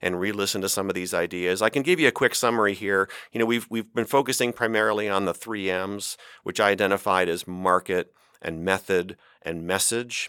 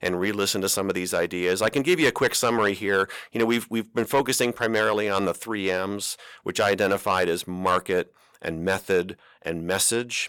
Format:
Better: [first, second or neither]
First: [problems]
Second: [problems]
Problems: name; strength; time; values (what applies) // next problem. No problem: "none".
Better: first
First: none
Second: distortion; slight; 10 dB below the speech